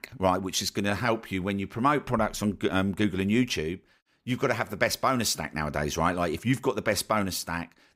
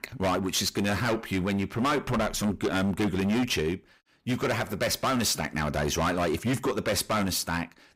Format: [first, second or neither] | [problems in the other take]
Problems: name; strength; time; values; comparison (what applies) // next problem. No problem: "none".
first | distortion; heavy; 17% of the sound clipped